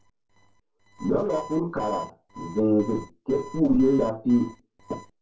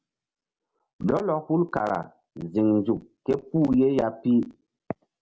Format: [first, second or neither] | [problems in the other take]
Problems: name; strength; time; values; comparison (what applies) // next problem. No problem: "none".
second | noise reduction (neural separator model SepFormer DNS4)